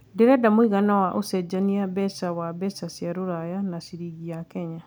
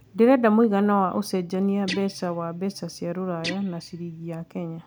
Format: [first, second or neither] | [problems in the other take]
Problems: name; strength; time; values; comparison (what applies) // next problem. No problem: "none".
first | background sound (Guitar); 15 dB below the speech